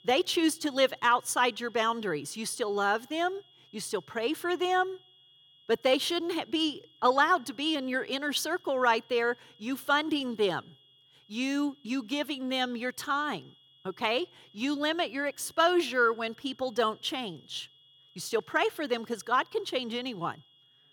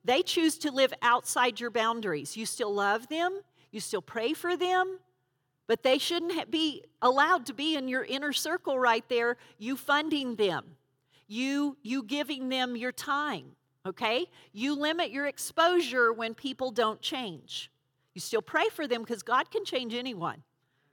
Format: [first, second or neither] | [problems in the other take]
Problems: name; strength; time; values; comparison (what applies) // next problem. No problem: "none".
second | high-pitched whine; faint; throughout; 3.5 kHz, 30 dB below the speech